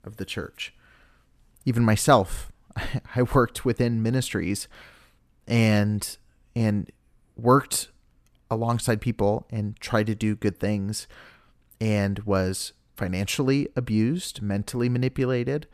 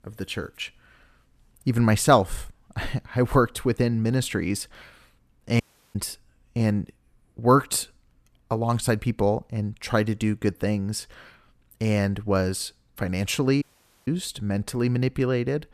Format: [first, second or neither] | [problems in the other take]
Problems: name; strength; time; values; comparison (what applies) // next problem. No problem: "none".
first | audio cutting out; at 5.5 s and at 14 s